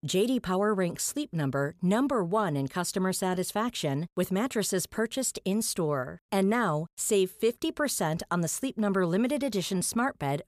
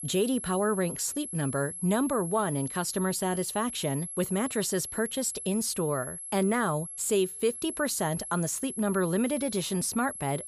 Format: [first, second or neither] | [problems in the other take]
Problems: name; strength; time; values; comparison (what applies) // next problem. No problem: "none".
first | high-pitched whine; loud; throughout; 11 kHz, 7 dB below the speech